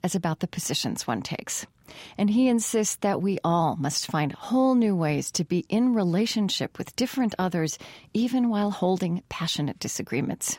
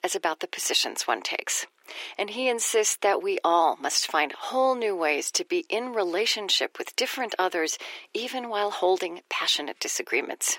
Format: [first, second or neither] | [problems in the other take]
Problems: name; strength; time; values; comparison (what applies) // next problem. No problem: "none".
first | thin; very; fading below 350 Hz